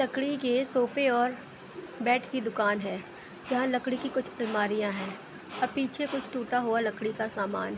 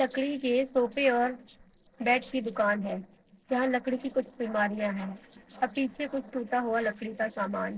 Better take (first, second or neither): first